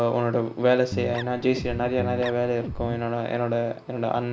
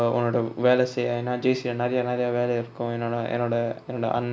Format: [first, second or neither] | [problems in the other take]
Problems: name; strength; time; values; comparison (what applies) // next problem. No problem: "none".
second | background sound (Guitar); 8 dB below the speech